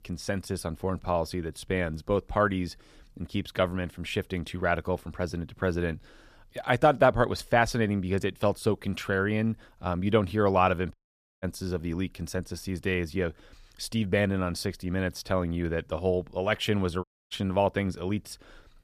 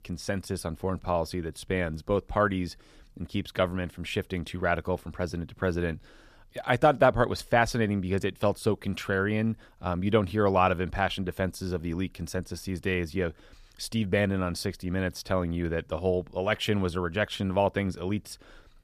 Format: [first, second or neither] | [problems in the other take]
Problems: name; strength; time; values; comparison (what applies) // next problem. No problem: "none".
second | audio cutting out; at 11 s and at 17 s